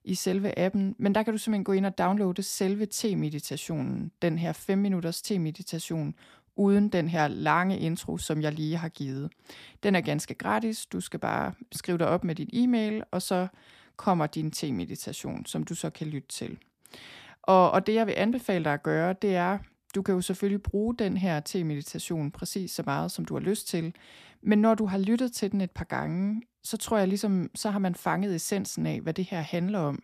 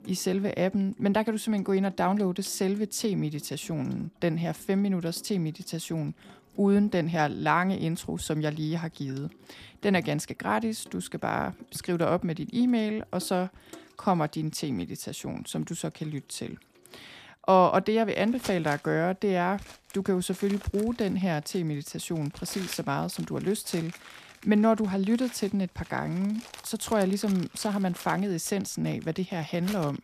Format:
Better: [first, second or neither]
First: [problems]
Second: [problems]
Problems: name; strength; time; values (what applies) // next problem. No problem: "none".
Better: first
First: none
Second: household noises; faint; throughout; 20 dB below the speech